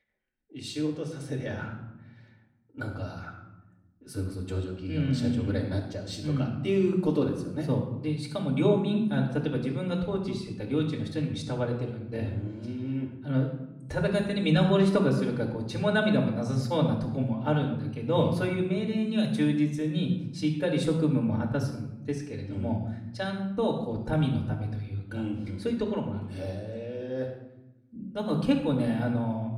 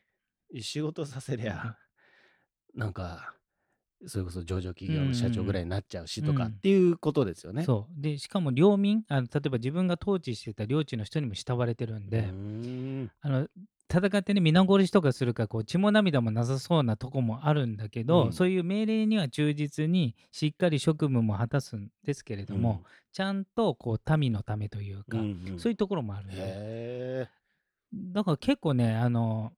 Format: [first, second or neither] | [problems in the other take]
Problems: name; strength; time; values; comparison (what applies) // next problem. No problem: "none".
second | off-mic speech; far // room echo; noticeable; dies away in 0.8 s